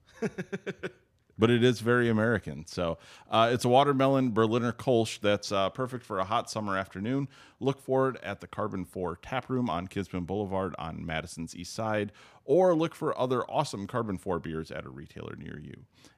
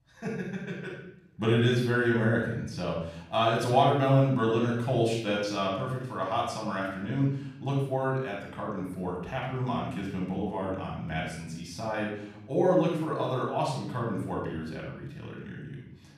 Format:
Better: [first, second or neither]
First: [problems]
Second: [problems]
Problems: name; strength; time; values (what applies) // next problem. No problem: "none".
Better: first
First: none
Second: off-mic speech; far // room echo; noticeable; dies away in 0.8 s